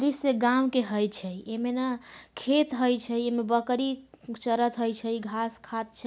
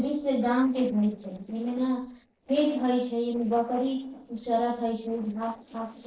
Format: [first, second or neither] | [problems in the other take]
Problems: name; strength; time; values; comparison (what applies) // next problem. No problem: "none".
first | noise reduction (neural separator model SepFormer DNS4)